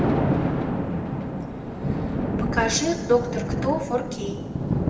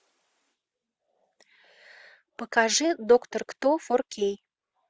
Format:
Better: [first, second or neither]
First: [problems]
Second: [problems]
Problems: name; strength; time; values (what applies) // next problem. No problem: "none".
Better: second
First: background sound (Thunder); 3 dB above the speech // room echo; dies away in 0.9 s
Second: none